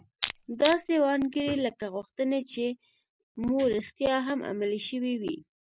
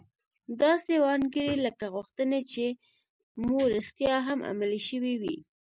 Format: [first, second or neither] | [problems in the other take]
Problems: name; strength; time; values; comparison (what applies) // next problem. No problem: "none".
second | background sound (Crushing); 6 dB below the speech